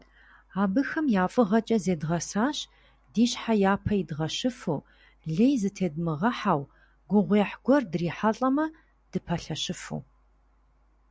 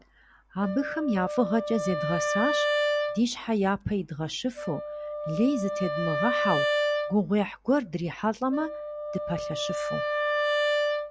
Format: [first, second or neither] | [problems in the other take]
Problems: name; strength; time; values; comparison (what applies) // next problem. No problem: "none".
first | background sound (Wind instrument, woodwind instrument); 1 dB below the speech